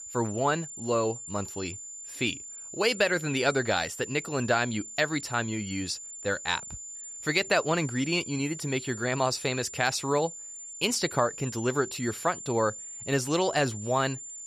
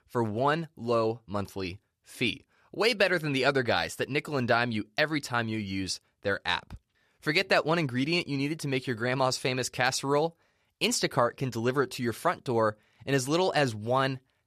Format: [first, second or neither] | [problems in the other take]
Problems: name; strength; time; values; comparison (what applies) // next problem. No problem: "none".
second | high-pitched whine; noticeable; throughout; 7 kHz, 10 dB below the speech